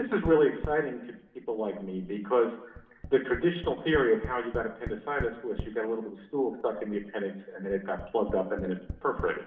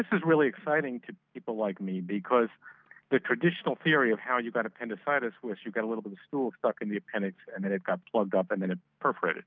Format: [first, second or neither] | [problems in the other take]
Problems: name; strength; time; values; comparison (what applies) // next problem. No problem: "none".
second | background sound (Tap); 14 dB below the speech // room echo; dies away in 0.7 s